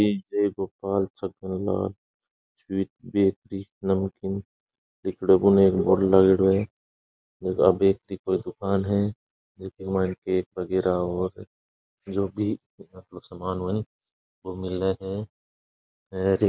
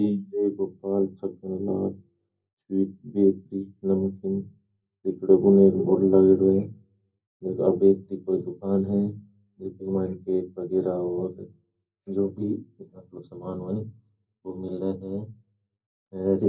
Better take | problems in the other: first | room echo; dies away in 0.4 s

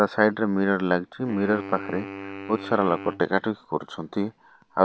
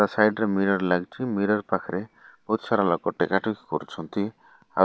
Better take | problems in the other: second | background sound (Wind instrument, woodwind instrument); 14 dB below the speech

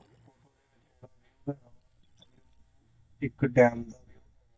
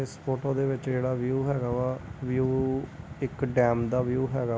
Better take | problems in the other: second | noise reduction (neural mask model DeepFilterNet 3)

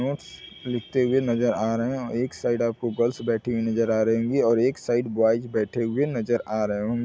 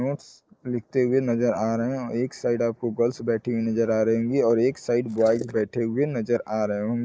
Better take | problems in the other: first | noise reduction (neural mask model Resemble Enhance denoiser)

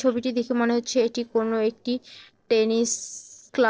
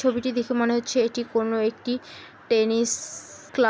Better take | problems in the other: second | noise reduction (neural separator model SepFormer DNS4)

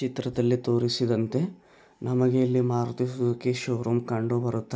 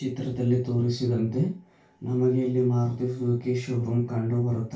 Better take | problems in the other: first | room echo; dies away in 0.2 s

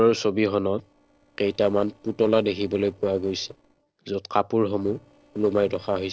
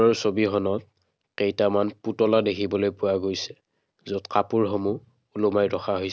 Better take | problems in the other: second | noise reduction (neural separator model SepFormer DNS4)

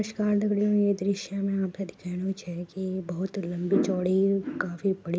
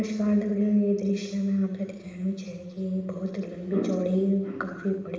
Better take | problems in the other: first | room echo; dies away in 1 s

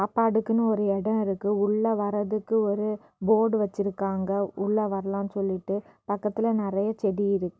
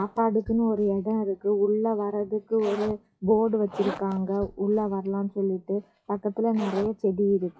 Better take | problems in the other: first | noise reduction (classical method WPE with log-MMSE)

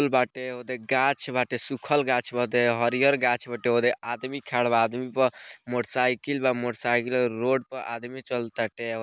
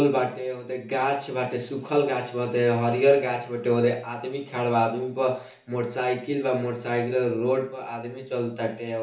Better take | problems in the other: first | room echo; dies away in 0.8 s

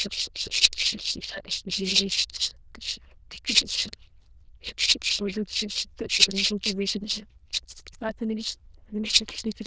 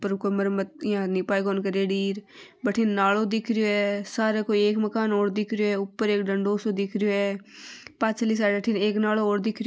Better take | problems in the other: second | noise reduction (neural diffusion model UNIVERSE++)

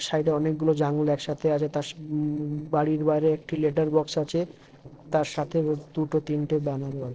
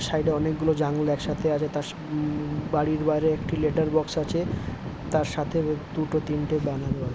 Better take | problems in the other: second | noise reduction (neural separator model SepFormer DNS4)

